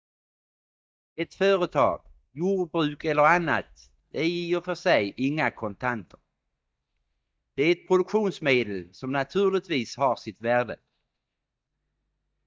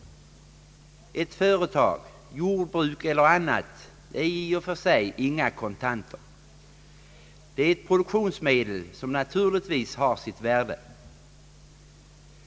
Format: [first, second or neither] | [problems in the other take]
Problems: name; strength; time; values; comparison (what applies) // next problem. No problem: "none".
second | noise reduction (neural mask model DeepFilterNet 3)